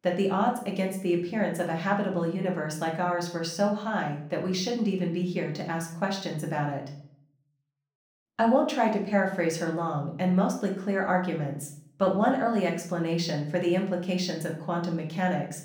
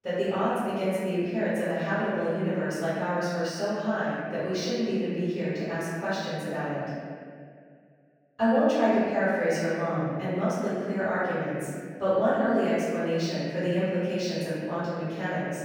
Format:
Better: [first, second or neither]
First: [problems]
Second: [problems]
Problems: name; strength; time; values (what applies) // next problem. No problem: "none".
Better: first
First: room echo; slight; dies away in 0.5 s // off-mic speech; somewhat distant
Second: room echo; strong; dies away in 2 s // off-mic speech; far